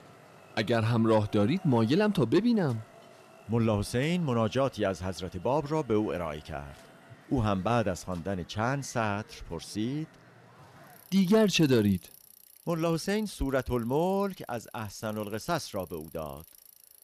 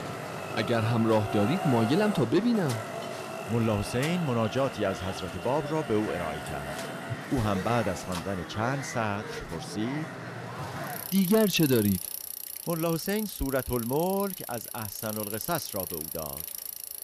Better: first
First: traffic noise; faint; throughout; 25 dB below the speech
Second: traffic noise; loud; throughout; 7 dB below the speech

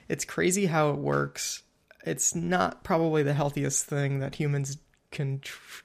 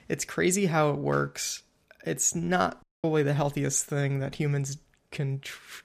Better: first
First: none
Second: audio cutting out; at 3 s

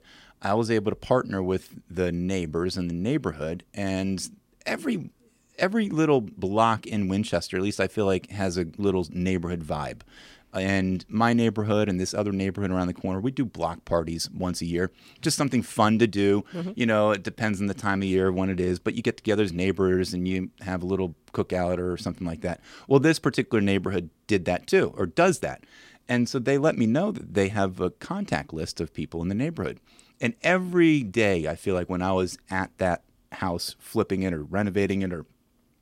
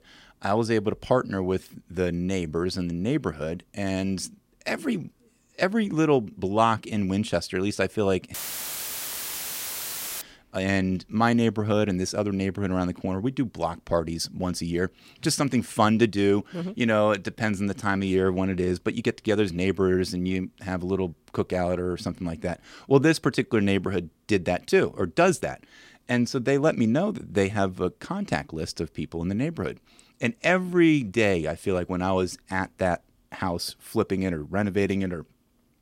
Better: first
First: none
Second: audio cutting out; filled with static; at 8.5 s for 2 s

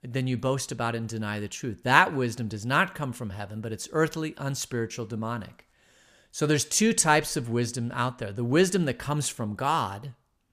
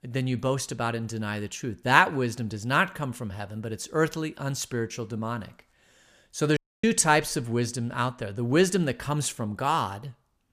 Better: first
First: none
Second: audio cutting out; at 6.5 s

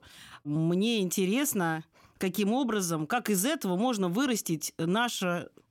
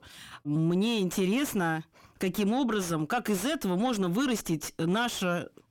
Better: first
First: none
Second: distortion; slight; 10 dB below the speech

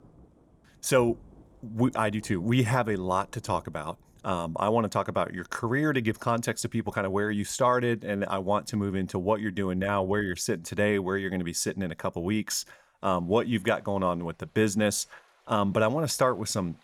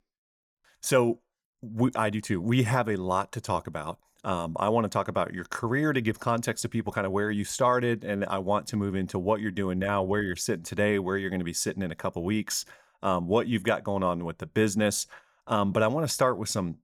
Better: second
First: rain or running water; faint; throughout; 30 dB below the speech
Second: none

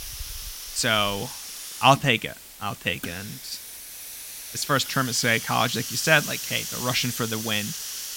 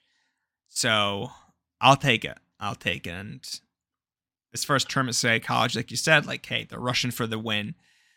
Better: second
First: hiss; loud; throughout; 9 dB below the speech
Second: none

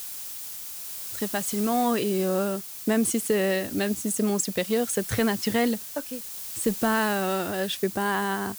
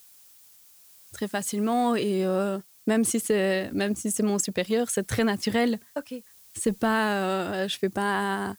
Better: second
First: hiss; loud; throughout; 8 dB below the speech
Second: hiss; faint; throughout; 25 dB below the speech

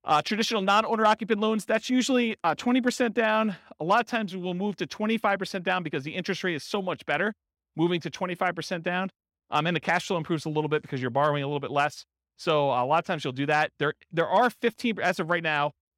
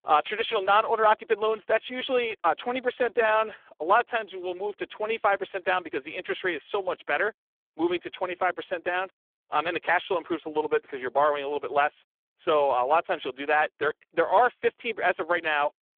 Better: first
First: none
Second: phone-call audio; poor line; nothing above 3.5 kHz

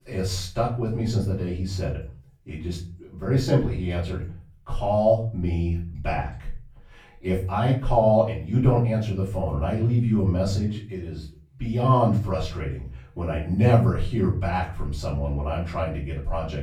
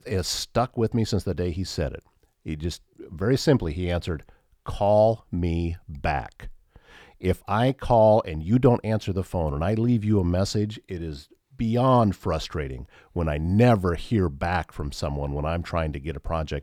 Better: second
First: off-mic speech; far // room echo; slight; dies away in 0.4 s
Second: none

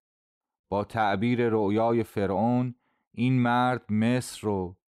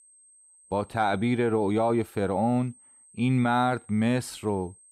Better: first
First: none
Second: high-pitched whine; faint; throughout; 8.5 kHz, 25 dB below the speech

